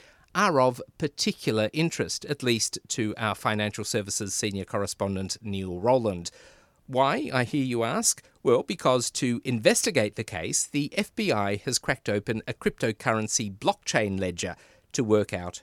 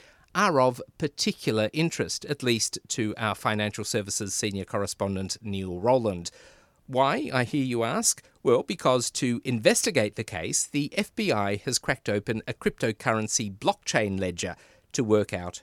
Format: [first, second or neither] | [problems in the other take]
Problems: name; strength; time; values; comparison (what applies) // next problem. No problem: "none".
neither | none